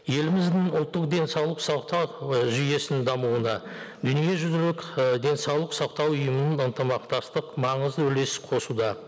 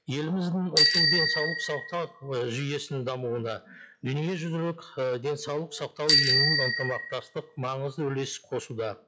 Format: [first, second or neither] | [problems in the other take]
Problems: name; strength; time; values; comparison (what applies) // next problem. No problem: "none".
first | noise reduction (classical method log-MMSE)